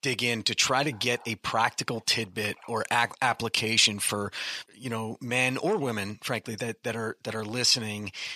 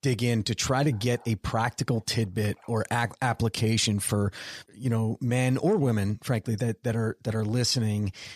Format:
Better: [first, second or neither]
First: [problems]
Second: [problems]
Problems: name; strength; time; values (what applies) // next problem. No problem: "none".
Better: second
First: thin; somewhat; fading below 450 Hz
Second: none